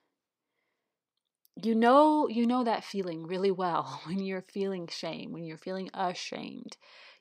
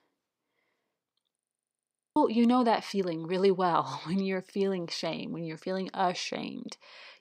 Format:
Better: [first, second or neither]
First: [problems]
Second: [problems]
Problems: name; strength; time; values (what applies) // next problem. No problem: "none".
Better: first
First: none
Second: audio freezing; at 1.5 s for 1 s